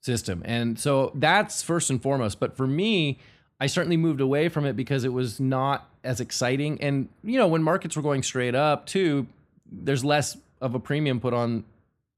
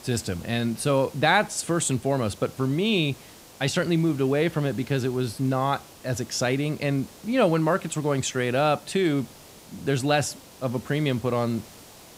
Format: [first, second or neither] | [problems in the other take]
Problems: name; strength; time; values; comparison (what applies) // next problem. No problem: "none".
first | hiss; faint; throughout; 20 dB below the speech